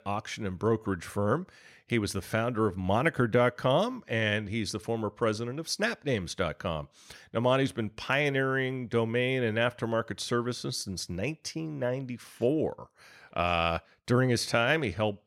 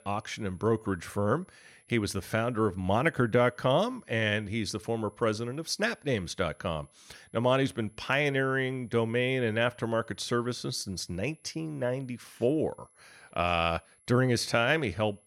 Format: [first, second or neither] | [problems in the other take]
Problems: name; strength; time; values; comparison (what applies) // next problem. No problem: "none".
first | high-pitched whine; faint; throughout; 11 kHz, 35 dB below the speech